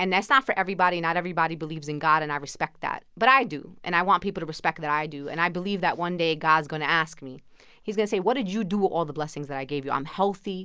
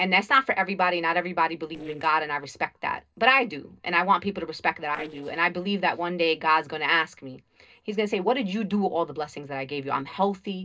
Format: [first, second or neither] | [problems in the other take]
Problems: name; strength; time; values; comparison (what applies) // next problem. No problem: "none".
first | noise reduction (neural separator model SepFormer DNS4)